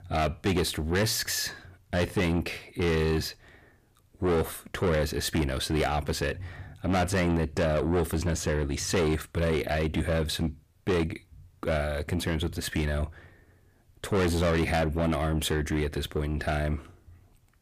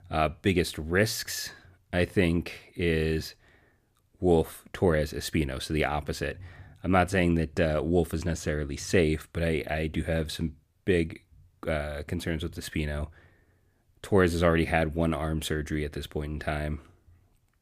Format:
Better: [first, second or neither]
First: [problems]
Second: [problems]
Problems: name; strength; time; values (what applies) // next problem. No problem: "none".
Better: second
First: distortion; heavy; 7 dB below the speech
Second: none